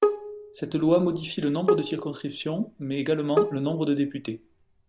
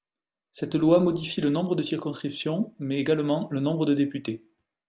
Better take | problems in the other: second | background sound (Bowed string instrument); 3 dB below the speech

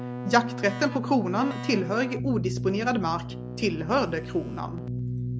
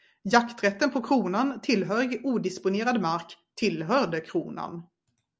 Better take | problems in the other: second | background sound (Keyboard (musical)); 6 dB below the speech

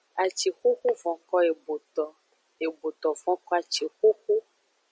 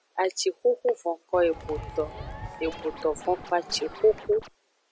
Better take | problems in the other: first | background sound (Scratching (performance technique) + Crowd); 13 dB below the speech

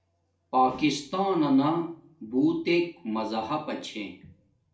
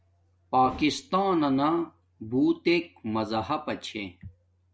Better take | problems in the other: second | room echo; dies away in 0.4 s

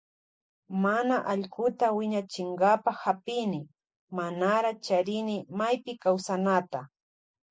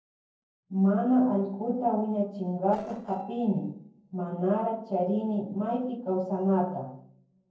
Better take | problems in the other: first | noise reduction (neural separator model SepFormer DNS4)

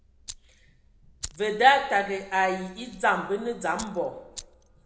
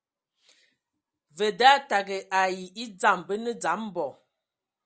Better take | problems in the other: second | background sound (Fire); 19 dB below the speech // room echo; dies away in 0.9 s

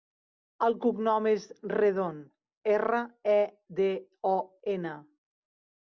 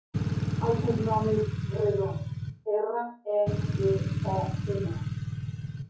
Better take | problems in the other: first | noise reduction (classical method WPE with log-MMSE)

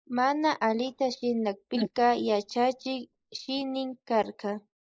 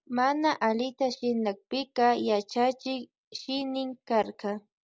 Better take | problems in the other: second | noise reduction (neural mask model Resemble Enhance denoiser)

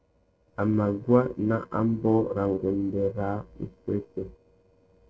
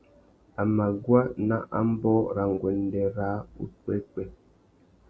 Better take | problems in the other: second | noise reduction (neural separator model SepFormer DNS4)

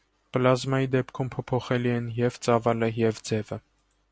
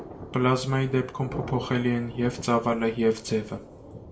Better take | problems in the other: first | background sound (Thunder); 14 dB below the speech // room echo; dies away in 0.4 s

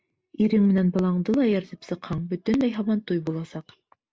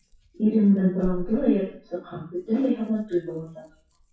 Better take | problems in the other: first | noise reduction (classical method WPE with log-MMSE)

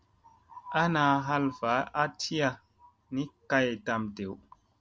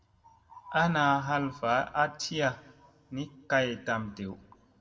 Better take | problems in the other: first | room echo; dies away in 0.9 s

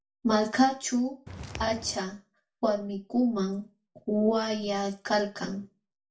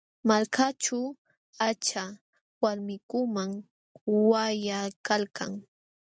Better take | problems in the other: second | background sound (Walk, footsteps); 11 dB below the speech // room echo; dies away in 0.3 s

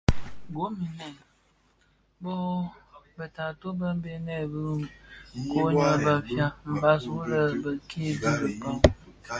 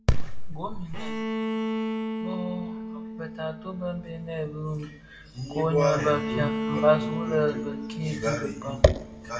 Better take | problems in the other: first | background sound (Bowed string instrument); 6 dB below the speech // room echo; dies away in 1.5 s

